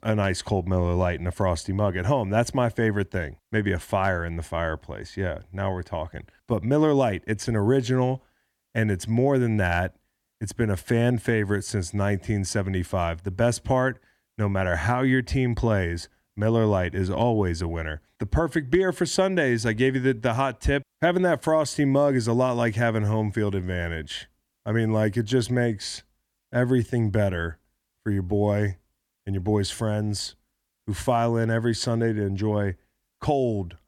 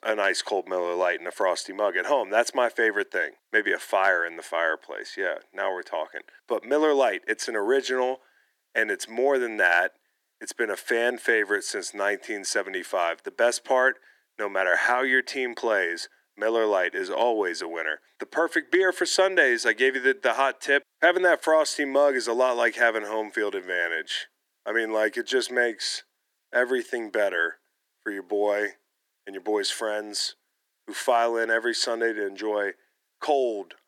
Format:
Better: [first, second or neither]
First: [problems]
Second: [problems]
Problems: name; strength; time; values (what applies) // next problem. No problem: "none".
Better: first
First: none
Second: thin; very; fading below 350 Hz